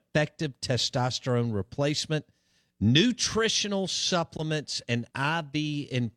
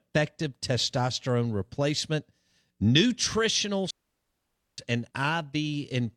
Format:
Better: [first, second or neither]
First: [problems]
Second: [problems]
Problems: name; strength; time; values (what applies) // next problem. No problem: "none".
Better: first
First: none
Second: audio cutting out; at 4 s for 1 s